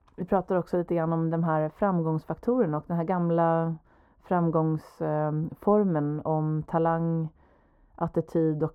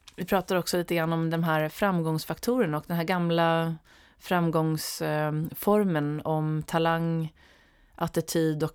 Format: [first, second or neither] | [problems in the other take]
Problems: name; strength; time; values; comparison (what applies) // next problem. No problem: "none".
second | muffled; very; fading above 1.5 kHz